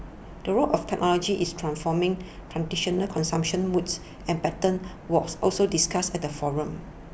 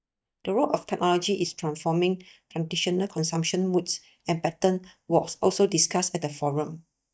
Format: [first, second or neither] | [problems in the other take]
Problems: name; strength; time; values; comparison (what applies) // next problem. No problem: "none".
first | noise reduction (neural mask model DeepFilterNet 3)